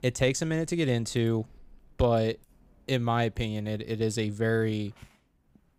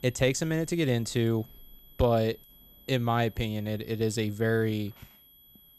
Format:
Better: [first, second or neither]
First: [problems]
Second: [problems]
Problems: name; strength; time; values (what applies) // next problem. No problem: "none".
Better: first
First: none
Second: high-pitched whine; faint; throughout; 12 kHz, 25 dB below the speech